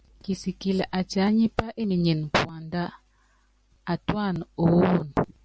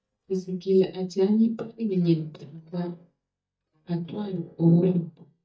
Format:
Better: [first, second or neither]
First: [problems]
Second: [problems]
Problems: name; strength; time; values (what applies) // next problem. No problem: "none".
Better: first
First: none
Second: noise reduction (neural mask model DeepFilterNet 3)